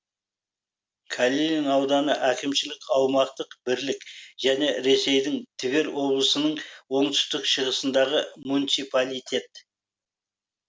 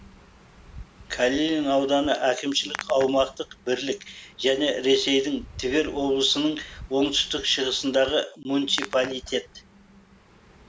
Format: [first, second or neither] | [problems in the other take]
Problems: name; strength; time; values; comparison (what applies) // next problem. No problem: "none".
first | background sound (Hands); 18 dB below the speech